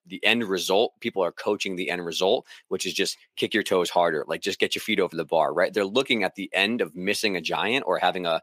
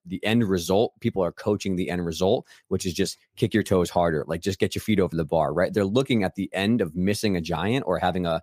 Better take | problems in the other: second | thin; somewhat; fading below 300 Hz

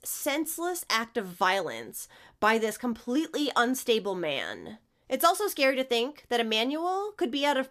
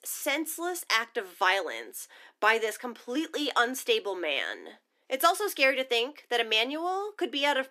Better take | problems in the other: first | thin; very slightly; fading below 300 Hz

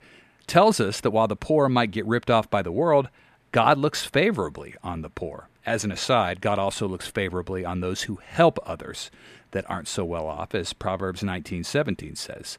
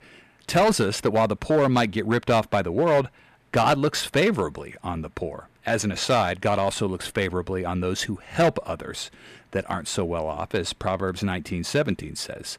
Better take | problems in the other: first | distortion; slight; 4% of the sound clipped

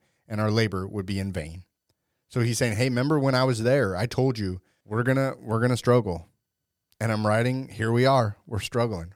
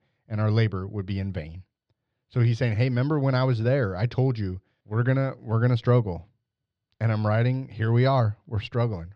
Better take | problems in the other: first | muffled; very slightly; fading above 4 kHz

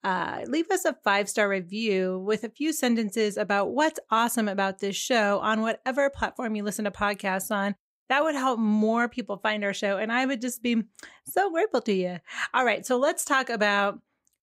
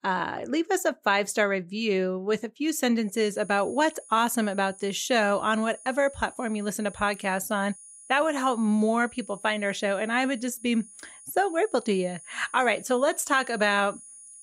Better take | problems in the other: first | high-pitched whine; noticeable; from 3 s on; 10 kHz, 20 dB below the speech

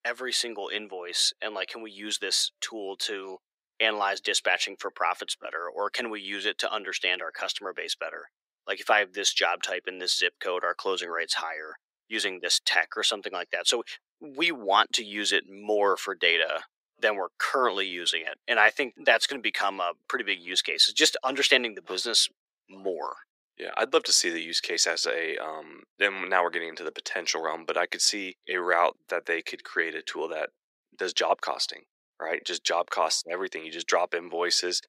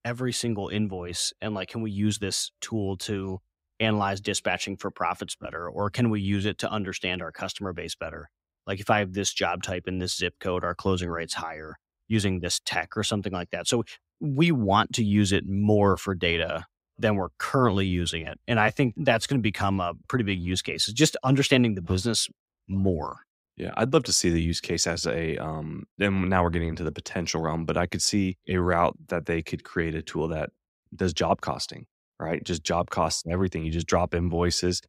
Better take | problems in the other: second | thin; very; fading below 400 Hz

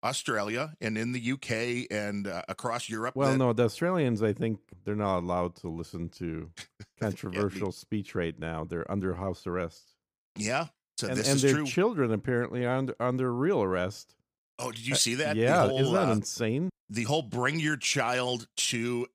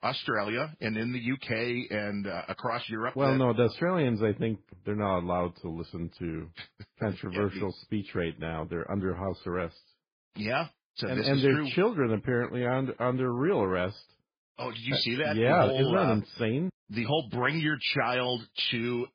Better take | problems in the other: first | garbled, watery; badly

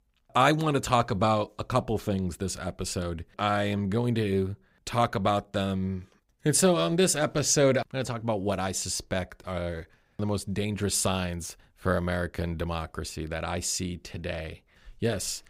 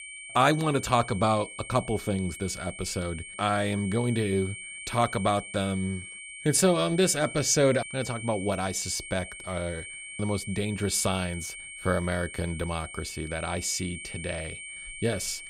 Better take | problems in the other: first | high-pitched whine; noticeable; throughout; 2 kHz, 10 dB below the speech

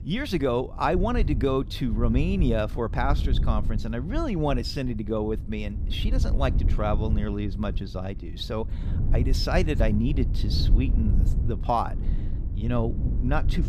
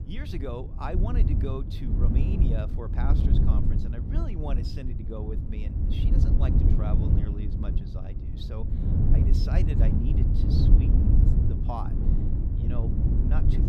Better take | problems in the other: first | wind noise on the microphone; heavy; 1 dB above the speech; occasional gusts in the first

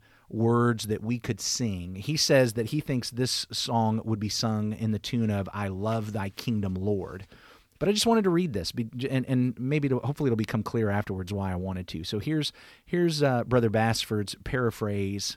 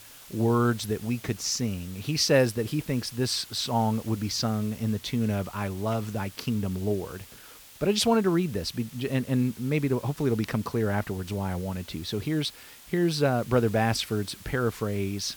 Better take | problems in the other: first | hiss; noticeable; throughout; 20 dB below the speech

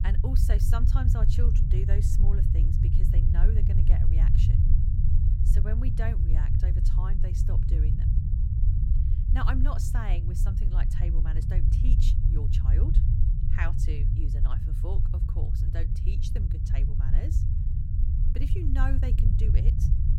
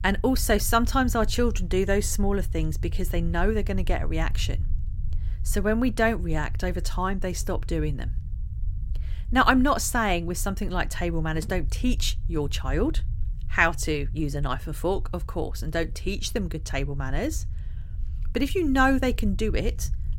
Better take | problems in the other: second | low rumble; loud; throughout; 1 dB below the speech; faint in the second

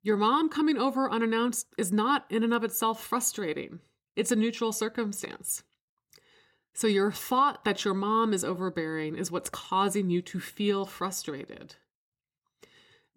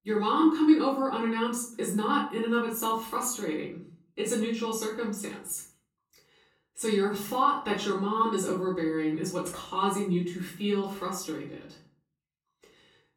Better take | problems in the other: first | off-mic speech; far // room echo; slight; dies away in 0.4 s

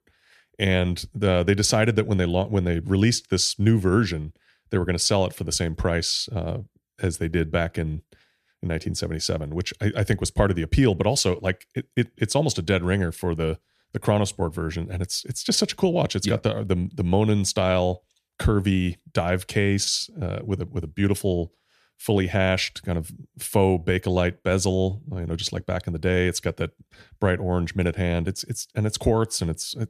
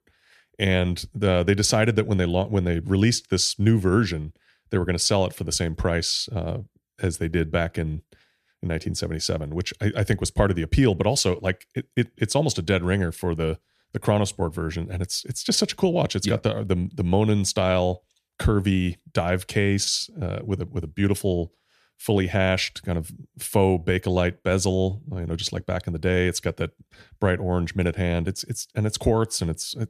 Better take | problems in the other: neither | none

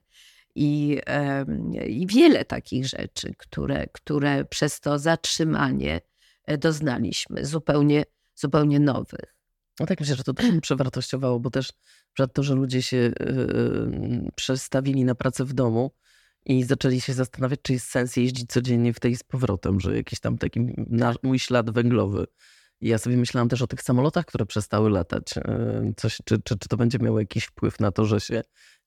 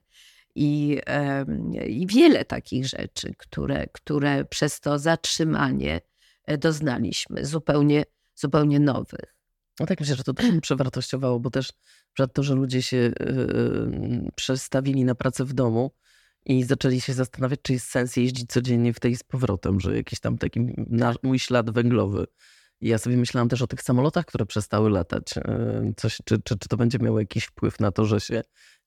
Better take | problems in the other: neither | none

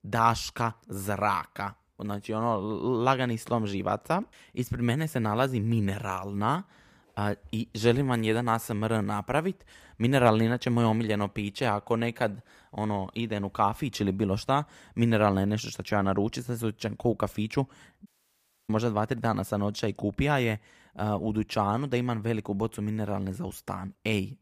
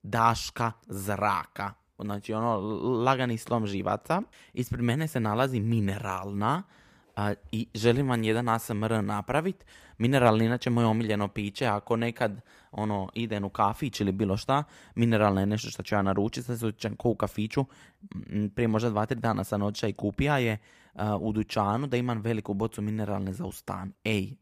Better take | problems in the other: second | audio cutting out; at 18 s for 0.5 s

